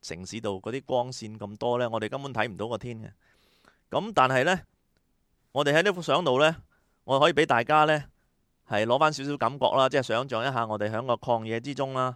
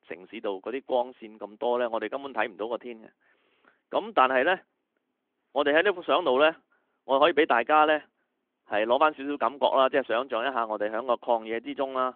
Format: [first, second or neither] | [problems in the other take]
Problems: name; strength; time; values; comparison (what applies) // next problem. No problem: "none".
first | phone-call audio; nothing above 3.5 kHz